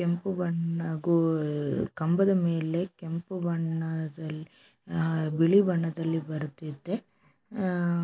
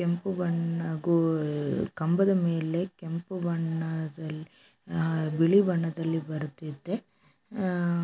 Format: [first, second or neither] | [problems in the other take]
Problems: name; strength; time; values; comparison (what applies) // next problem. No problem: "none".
second | noise reduction (neural mask model Resemble Enhance denoiser)